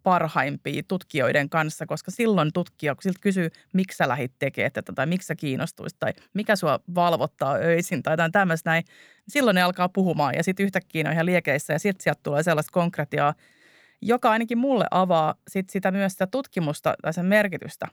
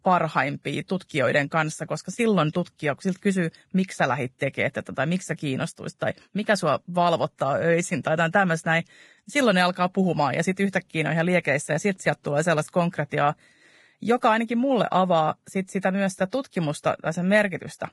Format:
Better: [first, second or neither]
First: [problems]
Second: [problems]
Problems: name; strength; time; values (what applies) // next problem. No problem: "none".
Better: first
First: none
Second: garbled, watery; badly; nothing above 11 kHz